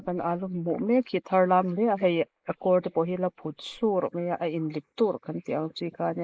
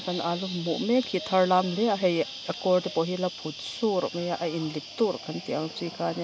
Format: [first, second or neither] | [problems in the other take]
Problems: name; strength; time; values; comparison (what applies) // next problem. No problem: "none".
second | noise reduction (neural mask model Resemble Enhance denoiser)